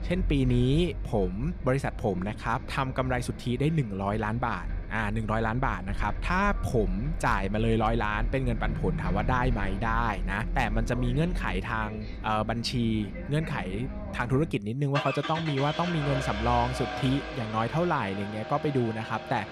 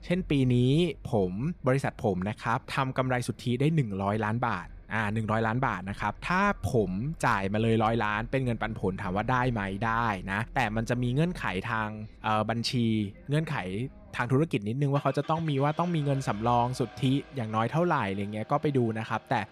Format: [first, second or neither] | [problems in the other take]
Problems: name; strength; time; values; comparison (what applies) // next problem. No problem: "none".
second | traffic noise; loud; throughout; 7 dB below the speech; faint in the second